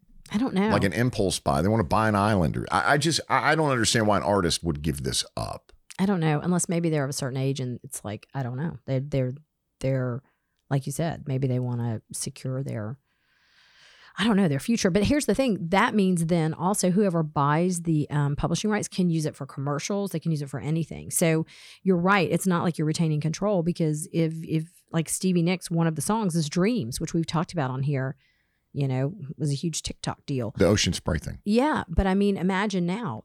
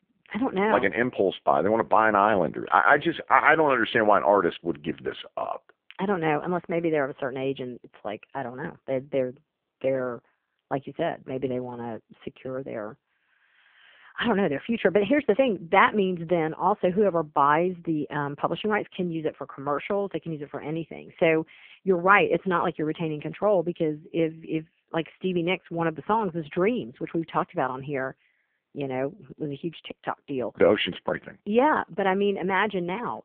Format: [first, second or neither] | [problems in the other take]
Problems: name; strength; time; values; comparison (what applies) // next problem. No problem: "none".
first | phone-call audio; poor line; nothing above 3.5 kHz